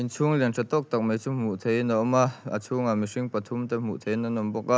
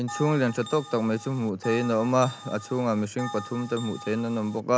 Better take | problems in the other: first | background sound (Bell); 15 dB below the speech

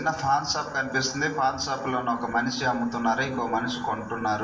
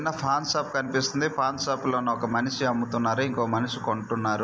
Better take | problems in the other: second | room echo; dies away in 0.6 s

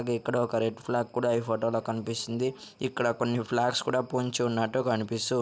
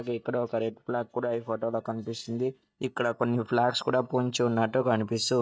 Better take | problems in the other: first | noise reduction (neural mask model DeepFilterNet 3)

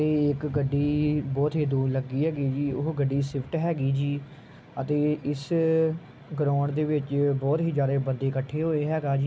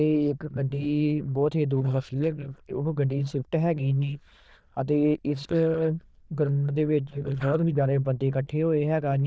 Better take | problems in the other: first | noise reduction (neural diffusion model UNIVERSE++)

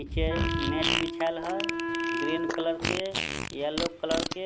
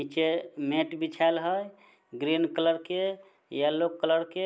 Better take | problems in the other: second | background sound (Fart + Wind instrument, woodwind instrument); 2 dB above the speech

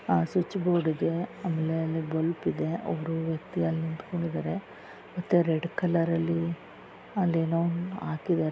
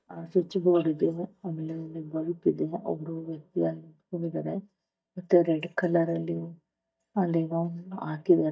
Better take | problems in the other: first | noise reduction (neural mask model DeepFilterNet 3)

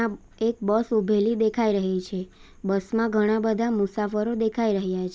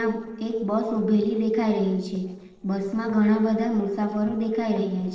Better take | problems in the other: first | noise reduction (neural separator model SepFormer DNS4)

